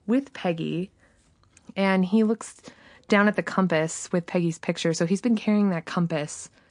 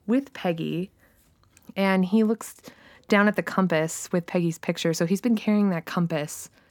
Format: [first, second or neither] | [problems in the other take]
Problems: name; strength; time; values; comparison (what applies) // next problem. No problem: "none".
second | garbled, watery; slightly; nothing above 9 kHz